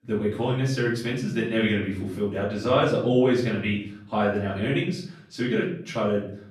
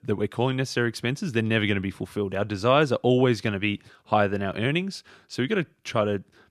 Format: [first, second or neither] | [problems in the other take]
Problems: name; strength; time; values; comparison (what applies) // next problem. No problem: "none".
second | off-mic speech; far // room echo; noticeable; dies away in 0.5 s